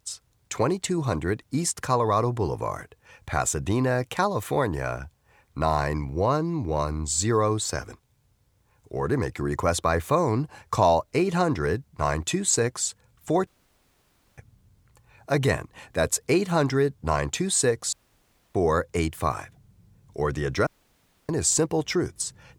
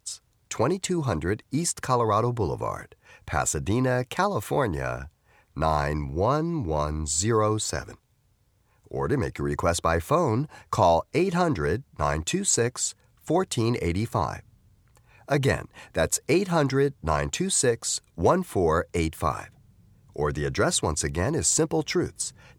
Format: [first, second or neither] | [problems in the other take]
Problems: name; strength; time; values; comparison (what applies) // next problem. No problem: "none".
second | audio cutting out; at 13 s for 1 s, at 18 s for 0.5 s and at 21 s for 0.5 s